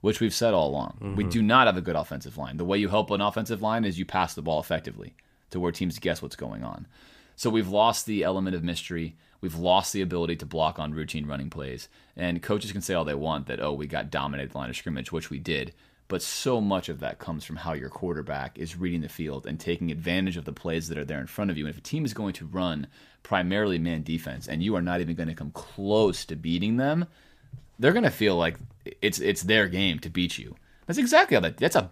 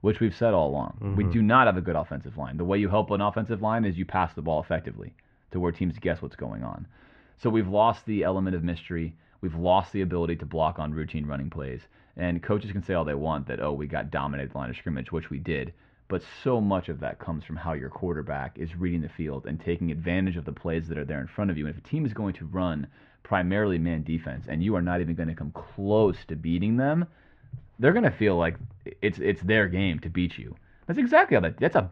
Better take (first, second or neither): first